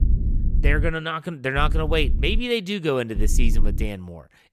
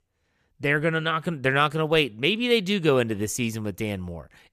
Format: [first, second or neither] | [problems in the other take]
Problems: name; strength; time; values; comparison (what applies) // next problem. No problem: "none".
second | low rumble; noticeable; at the start, at 1.5 s and at 3 s; 20 dB below the speech